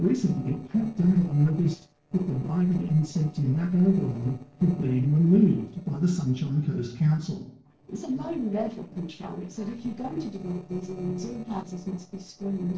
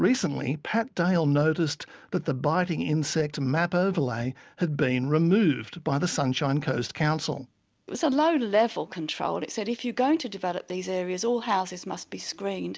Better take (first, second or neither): second